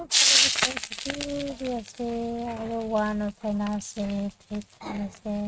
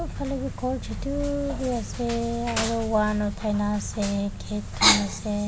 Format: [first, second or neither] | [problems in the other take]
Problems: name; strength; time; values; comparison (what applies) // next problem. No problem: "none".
second | noise reduction (neural mask model RNNoise)